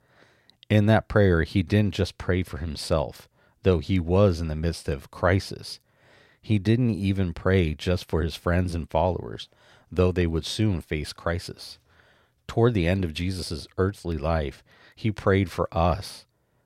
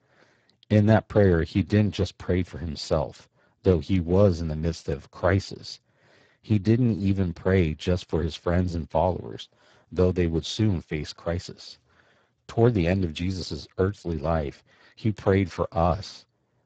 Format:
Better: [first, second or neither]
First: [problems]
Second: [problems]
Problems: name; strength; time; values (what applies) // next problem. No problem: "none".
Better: first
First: none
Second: garbled, watery; badly; nothing above 7.5 kHz